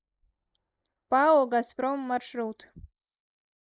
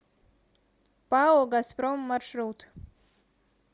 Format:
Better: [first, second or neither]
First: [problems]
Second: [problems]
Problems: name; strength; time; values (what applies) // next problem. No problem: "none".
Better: second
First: noise reduction (neural mask model Resemble Enhance denoiser)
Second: none